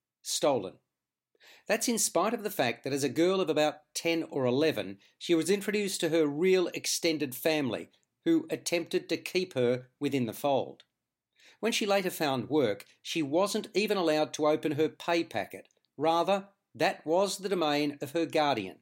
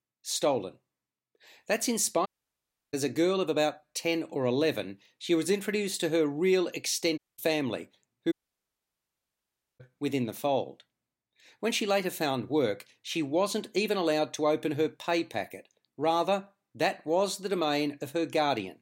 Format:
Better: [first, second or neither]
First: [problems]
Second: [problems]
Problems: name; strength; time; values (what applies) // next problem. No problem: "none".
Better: first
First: none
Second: audio cutting out; at 2.5 s for 0.5 s, at 7 s and at 8.5 s for 1.5 s